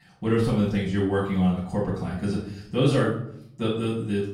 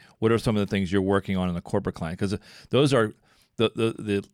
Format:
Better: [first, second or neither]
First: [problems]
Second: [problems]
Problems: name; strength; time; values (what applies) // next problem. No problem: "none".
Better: second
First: room echo; noticeable; dies away in 0.6 s // off-mic speech; far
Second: none